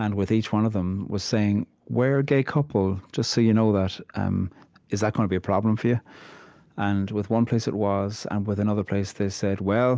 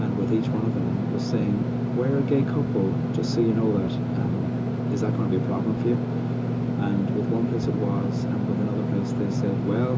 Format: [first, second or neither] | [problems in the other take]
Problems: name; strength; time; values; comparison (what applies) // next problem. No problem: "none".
first | background sound (Engine / Mechanisms); 2 dB above the speech // room echo; dies away in 0.2 s